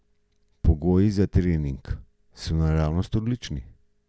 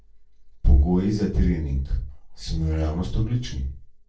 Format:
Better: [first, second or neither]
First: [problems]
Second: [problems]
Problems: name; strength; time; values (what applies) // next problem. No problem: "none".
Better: first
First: none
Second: noise reduction (neural separator model SepFormer DNS4)